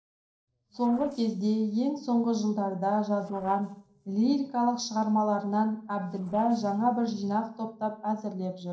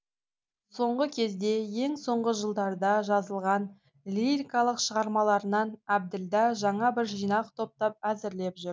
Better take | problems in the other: second | noise reduction (neural separator model SepFormer DNS4)

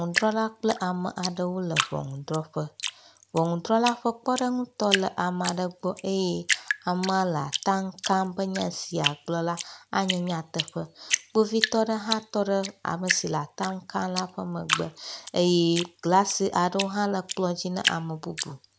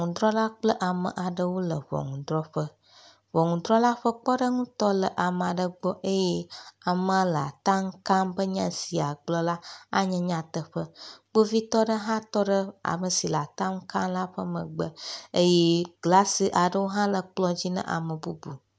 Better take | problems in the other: second | background sound (Drip); 7 dB below the speech

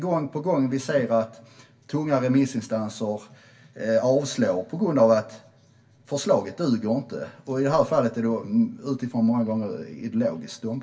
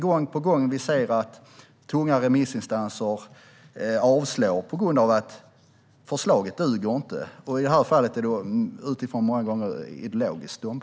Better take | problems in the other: second | room echo; dies away in 0.2 s

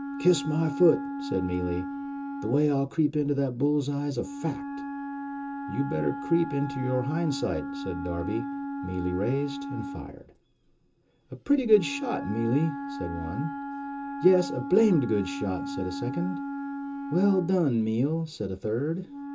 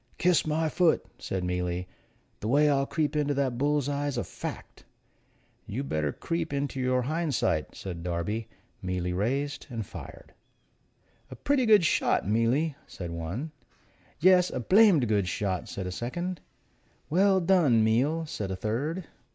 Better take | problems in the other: second | background sound (Wind instrument, woodwind instrument); 8 dB below the speech // room echo; dies away in 0.2 s

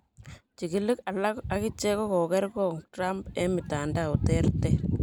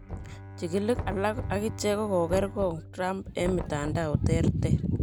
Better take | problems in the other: first | background sound (Bowed string instrument + Knock); 10 dB below the speech

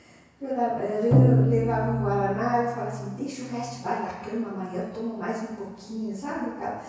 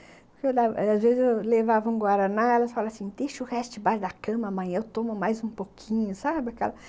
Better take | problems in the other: second | background sound (Bowed string instrument); 3 dB above the speech // room echo; dies away in 1.1 s

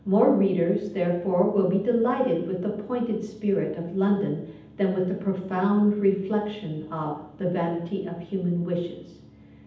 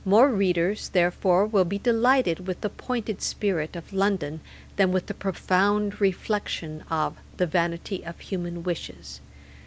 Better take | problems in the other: second | room echo; dies away in 0.8 s

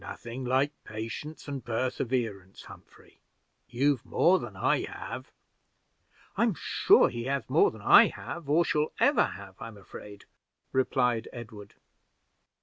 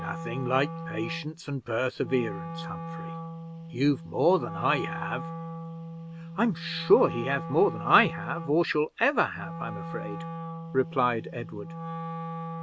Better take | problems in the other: first | background sound (Wind instrument, woodwind instrument); 9 dB below the speech

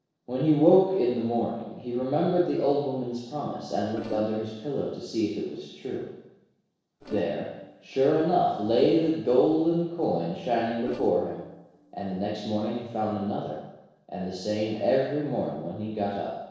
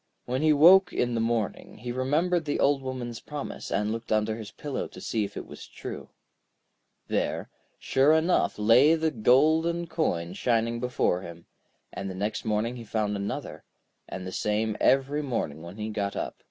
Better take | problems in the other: second | noise reduction (neural separator model SepFormer DNS4)

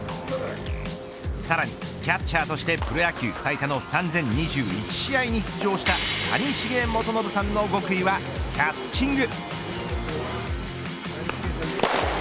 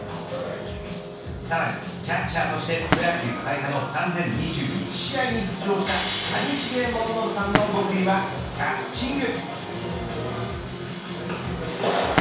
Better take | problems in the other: first | background sound (Fireworks); 9 dB below the speech // room echo; dies away in 0.7 s

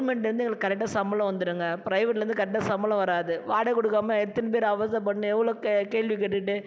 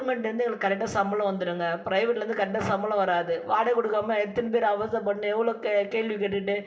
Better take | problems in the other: first | room echo; dies away in 0.4 s

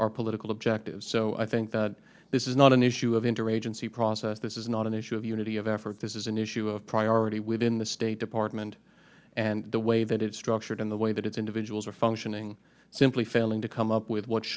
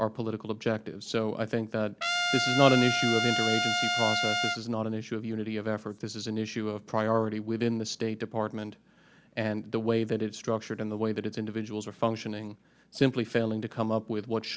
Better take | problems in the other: first | background sound (Trumpet); 1 dB above the speech

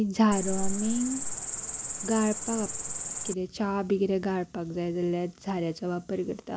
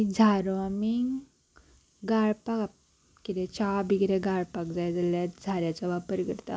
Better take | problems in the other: second | background sound (Cricket); 3 dB below the speech

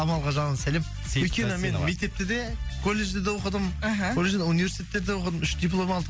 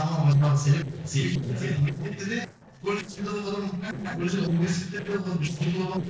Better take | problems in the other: first | noise reduction (neural separator model SepFormer DNS4)

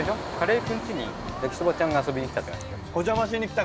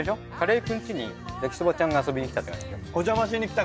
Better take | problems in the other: second | background sound (Engine); 10 dB below the speech

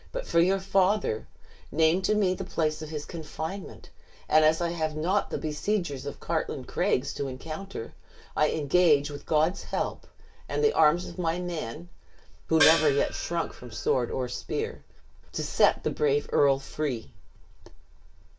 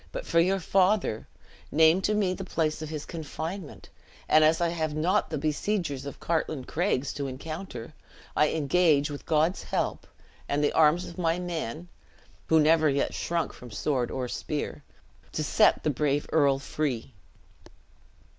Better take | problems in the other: second | background sound (Gong); 4 dB below the speech // room echo; dies away in 0.2 s

